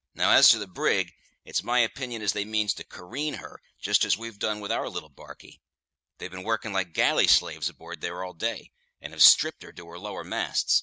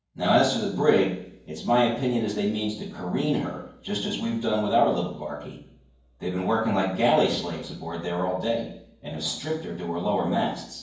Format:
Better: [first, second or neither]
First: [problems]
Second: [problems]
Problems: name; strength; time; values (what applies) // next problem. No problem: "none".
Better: first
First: none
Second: room echo; dies away in 0.9 s